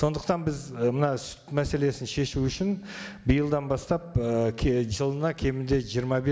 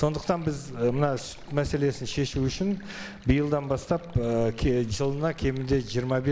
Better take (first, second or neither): first